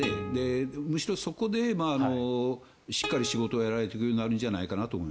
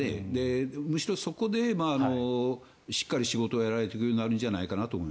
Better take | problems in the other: second | background sound (Plucked string instrument); 12 dB below the speech

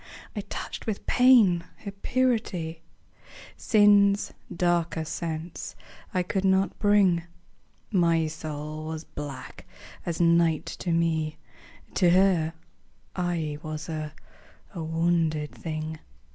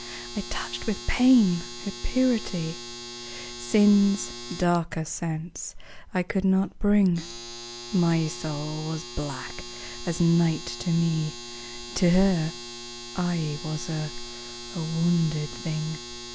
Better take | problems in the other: first | background sound (Domestic sounds, home sounds); 14 dB below the speech

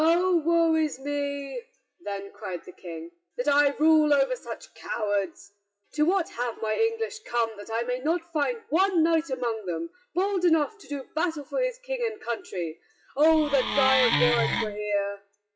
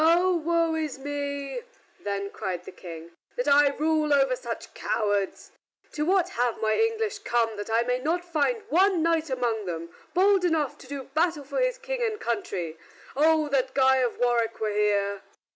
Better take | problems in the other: second | noise reduction (classical method WPE with log-MMSE)

